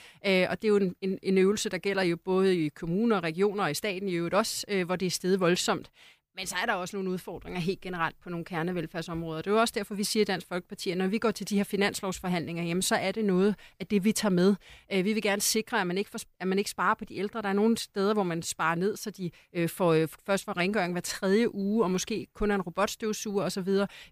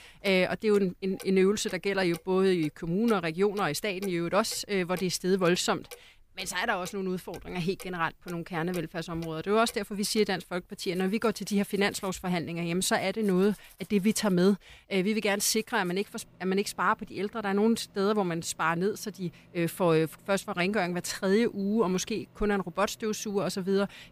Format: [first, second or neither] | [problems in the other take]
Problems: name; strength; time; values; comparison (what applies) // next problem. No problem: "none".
first | household noises; faint; throughout; 25 dB below the speech